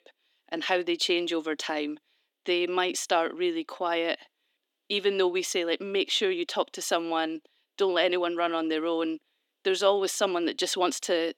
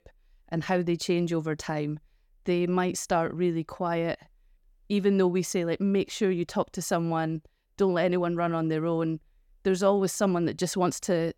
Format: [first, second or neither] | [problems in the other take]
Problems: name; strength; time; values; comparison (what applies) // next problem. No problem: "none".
second | thin; somewhat; fading below 250 Hz